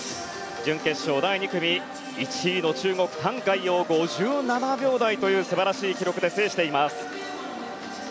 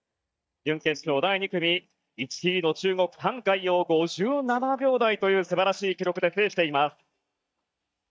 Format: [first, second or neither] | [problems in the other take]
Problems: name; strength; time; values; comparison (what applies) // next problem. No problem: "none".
first | noise reduction (neural mask model DeepFilterNet 3)